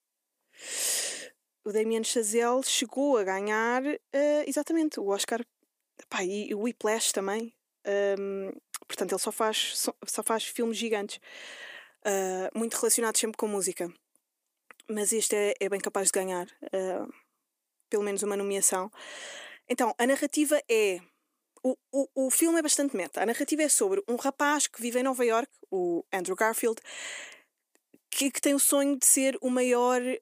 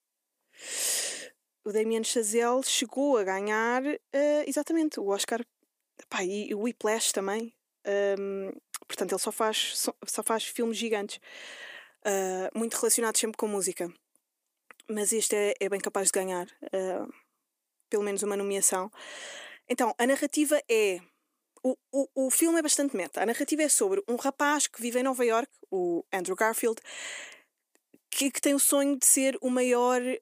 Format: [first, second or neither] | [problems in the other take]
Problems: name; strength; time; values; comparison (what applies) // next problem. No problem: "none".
neither | thin; very slightly; fading below 300 Hz; the same in both